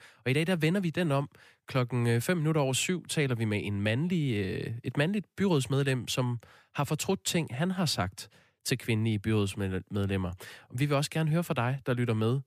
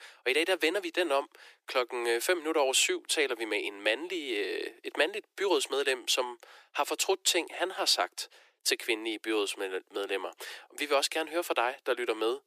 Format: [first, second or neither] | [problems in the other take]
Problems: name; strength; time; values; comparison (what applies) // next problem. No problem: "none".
first | thin; very; fading below 350 Hz